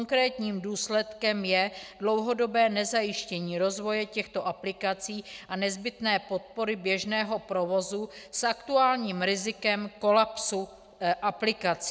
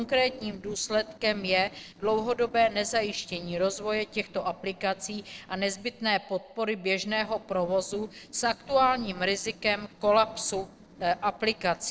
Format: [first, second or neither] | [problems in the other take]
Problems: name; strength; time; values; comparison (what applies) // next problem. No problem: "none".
first | noise reduction (neural separator model SepFormer DNS4)